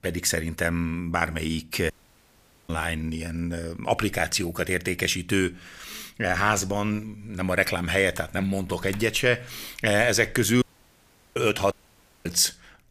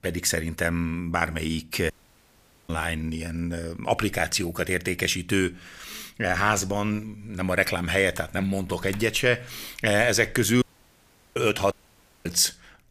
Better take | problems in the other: neither | audio cutting out; at 2 s for 1 s, at 11 s for 0.5 s and at 12 s for 0.5 s; the same in both

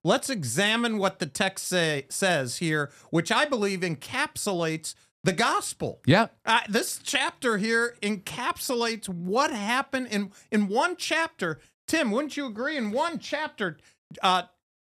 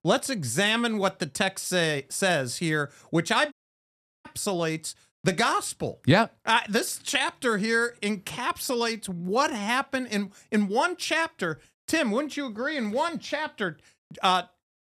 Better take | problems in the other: first | audio cutting out; at 3.5 s for 0.5 s

